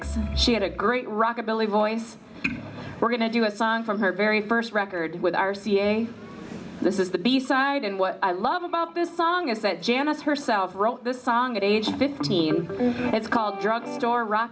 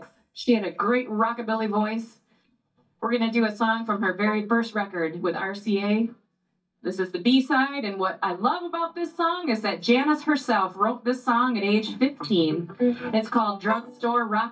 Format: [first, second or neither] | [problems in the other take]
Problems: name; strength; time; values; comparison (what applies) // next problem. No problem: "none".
first | noise reduction (neural mask model DeepFilterNet 3)